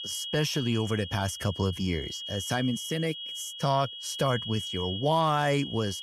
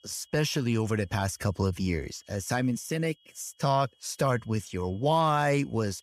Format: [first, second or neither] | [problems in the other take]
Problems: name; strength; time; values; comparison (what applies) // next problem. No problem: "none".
second | high-pitched whine; loud; throughout; 3.5 kHz, 7 dB below the speech; faint in the second